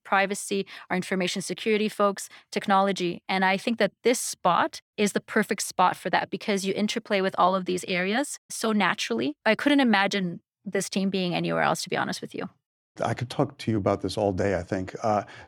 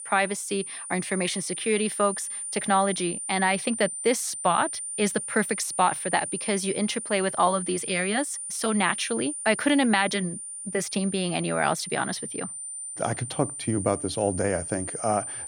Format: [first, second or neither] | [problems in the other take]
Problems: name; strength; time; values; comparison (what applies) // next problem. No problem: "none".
first | high-pitched whine; loud; throughout; 9 kHz, 6 dB below the speech